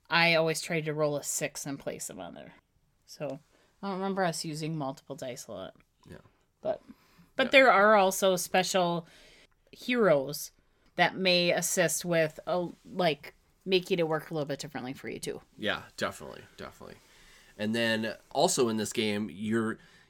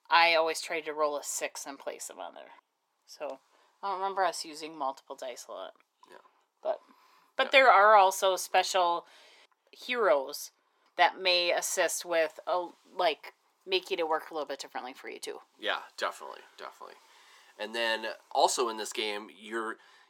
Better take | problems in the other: first | thin; very; fading below 300 Hz

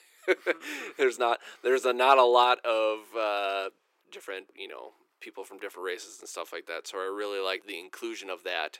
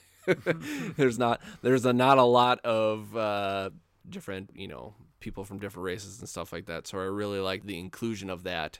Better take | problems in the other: second | thin; very; fading below 350 Hz

